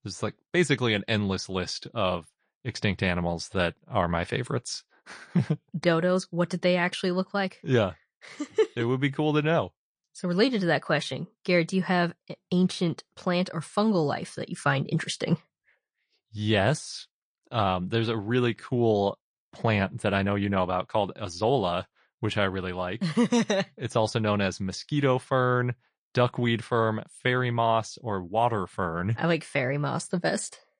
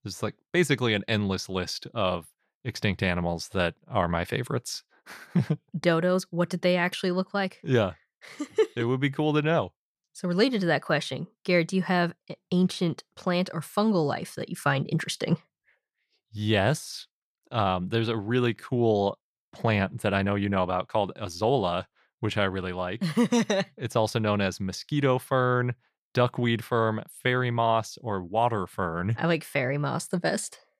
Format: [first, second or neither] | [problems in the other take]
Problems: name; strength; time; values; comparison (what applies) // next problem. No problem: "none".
second | garbled, watery; slightly; nothing above 9 kHz